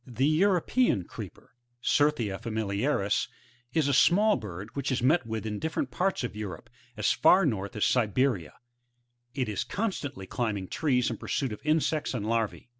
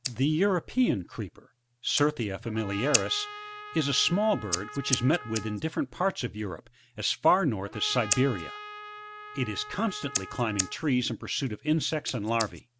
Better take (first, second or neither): first